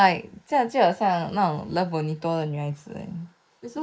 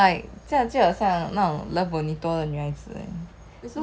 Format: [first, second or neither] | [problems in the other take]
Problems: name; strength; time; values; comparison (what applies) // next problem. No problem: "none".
second | noise reduction (neural mask model Resemble Enhance denoiser)